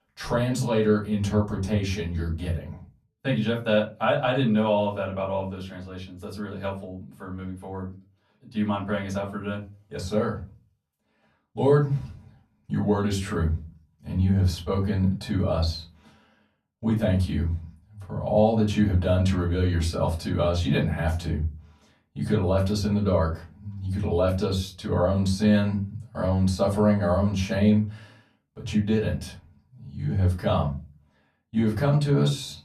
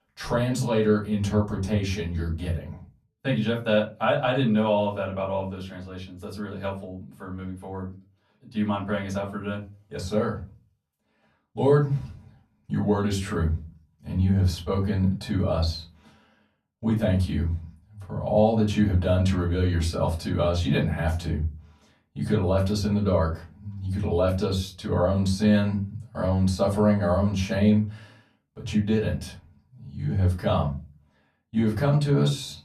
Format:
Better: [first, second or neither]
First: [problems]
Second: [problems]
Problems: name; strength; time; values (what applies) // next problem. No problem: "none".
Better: neither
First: off-mic speech; far // room echo; very slight; dies away in 0.3 s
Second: off-mic speech; far // room echo; very slight; dies away in 0.3 s